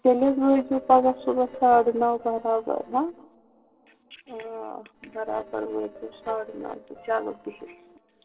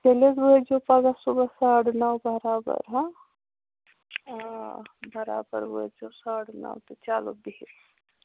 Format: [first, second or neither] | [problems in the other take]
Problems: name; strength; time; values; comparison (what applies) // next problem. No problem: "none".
second | noise reduction (neural separator model SepFormer DNS4)